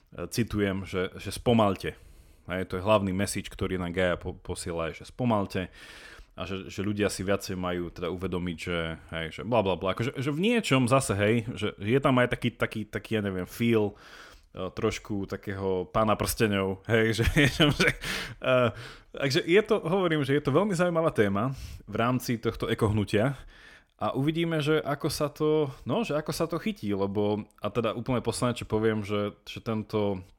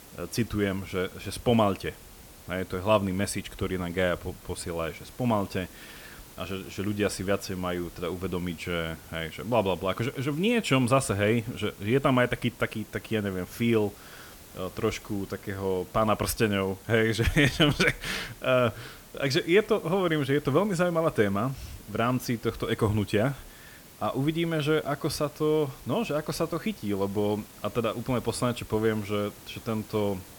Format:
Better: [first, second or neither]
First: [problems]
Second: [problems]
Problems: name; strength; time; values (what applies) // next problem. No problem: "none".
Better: first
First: none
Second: hiss; faint; throughout; 20 dB below the speech